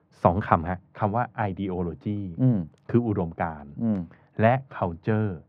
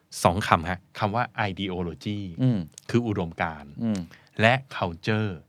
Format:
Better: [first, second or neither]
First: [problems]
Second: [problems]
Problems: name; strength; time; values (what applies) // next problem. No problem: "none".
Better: second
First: muffled; very; fading above 3 kHz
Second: none